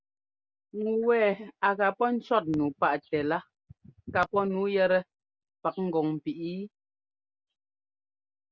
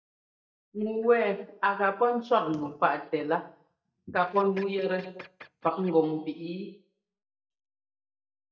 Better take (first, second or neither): first